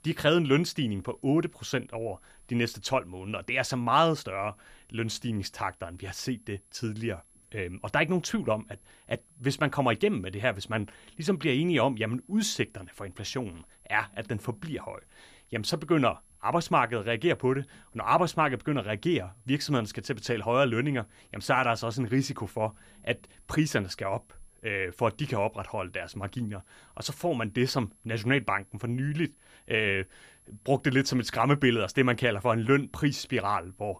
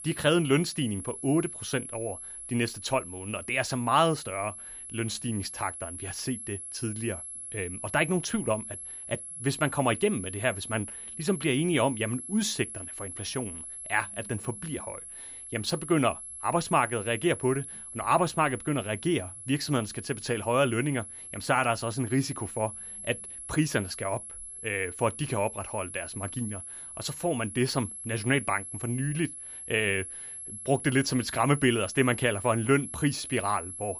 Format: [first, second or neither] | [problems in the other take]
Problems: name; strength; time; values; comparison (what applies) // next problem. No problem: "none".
first | high-pitched whine; loud; throughout; 11 kHz, 9 dB below the speech; faint in the first